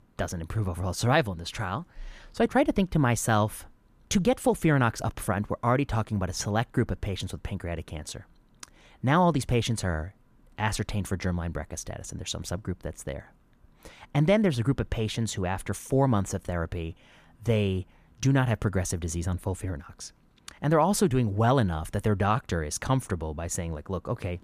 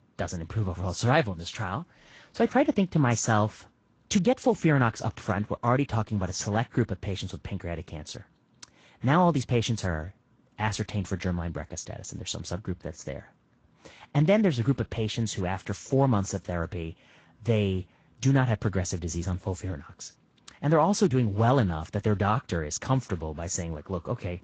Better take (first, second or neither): first